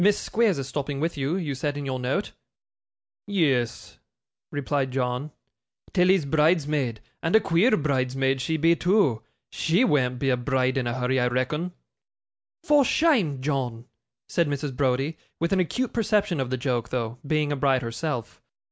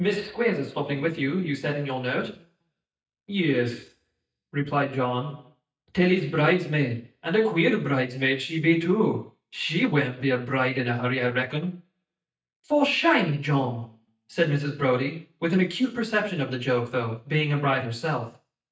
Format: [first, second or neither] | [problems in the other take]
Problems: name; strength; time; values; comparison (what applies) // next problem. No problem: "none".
first | noise reduction (neural mask model DeepFilterNet 3)